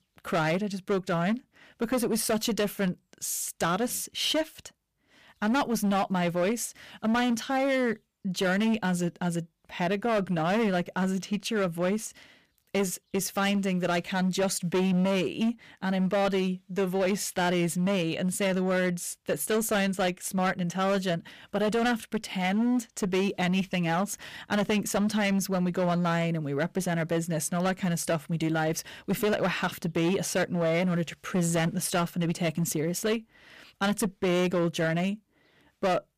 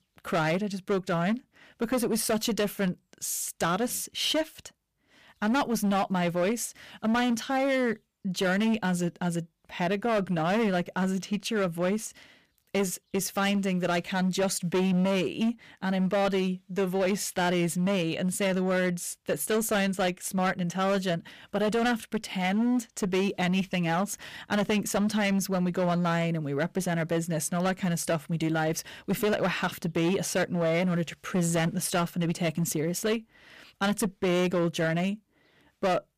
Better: neither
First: distortion; slight; 12% of the sound clipped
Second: distortion; slight; 12% of the sound clipped

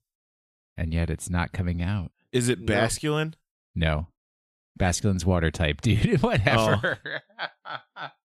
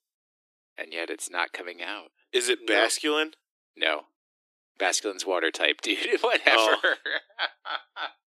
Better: first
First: none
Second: thin; very; fading below 300 Hz

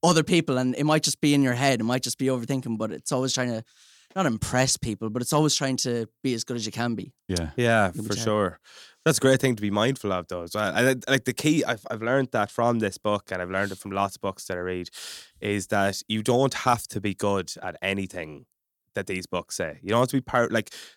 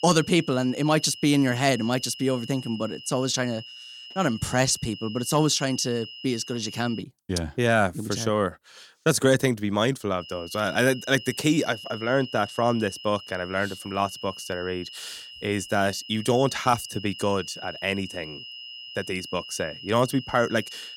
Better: first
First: none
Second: high-pitched whine; noticeable; until 7 s and from 10 s on; 3 kHz, 15 dB below the speech

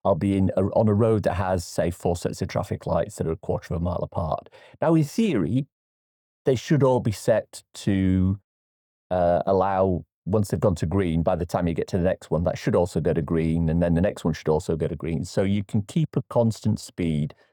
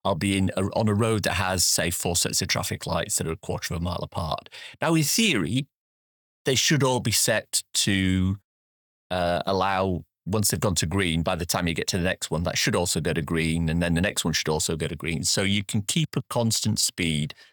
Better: second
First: muffled; very; fading above 1.5 kHz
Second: none

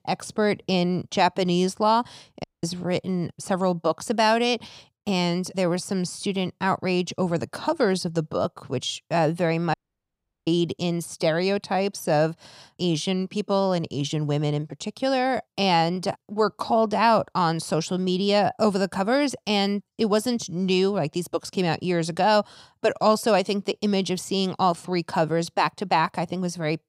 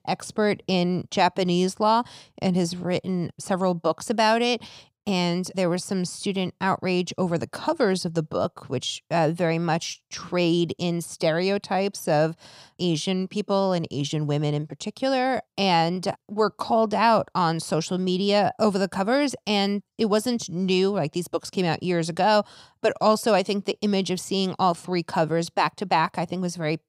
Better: second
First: audio cutting out; at 2.5 s and at 9.5 s for 0.5 s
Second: none

